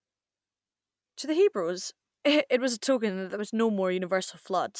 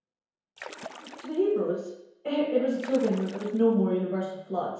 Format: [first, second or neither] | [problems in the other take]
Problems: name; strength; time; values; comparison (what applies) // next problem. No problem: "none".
first | background sound (Splash, splatter); 16 dB below the speech // room echo; dies away in 0.9 s